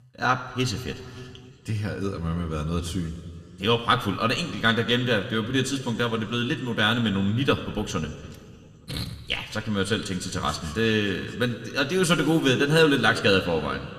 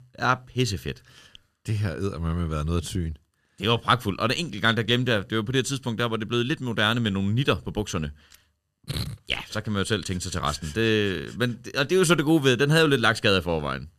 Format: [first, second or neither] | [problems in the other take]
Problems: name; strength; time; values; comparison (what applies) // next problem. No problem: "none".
second | room echo; very slight; dies away in 1.9 s